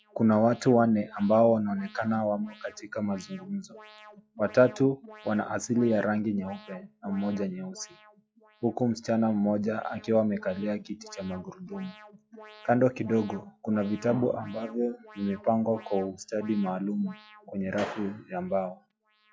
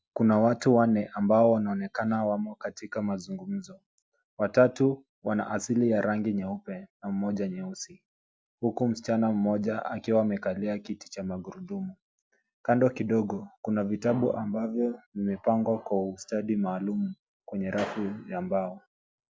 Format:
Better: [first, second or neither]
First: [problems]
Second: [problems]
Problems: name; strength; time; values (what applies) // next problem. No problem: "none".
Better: second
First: noise reduction (classical method log-MMSE)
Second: none